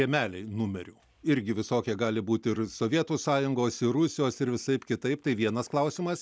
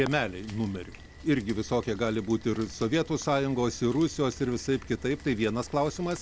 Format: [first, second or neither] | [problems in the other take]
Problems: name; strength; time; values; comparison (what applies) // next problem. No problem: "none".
first | background sound (Rain); 17 dB below the speech